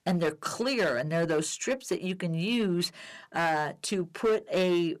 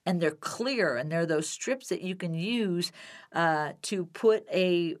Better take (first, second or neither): second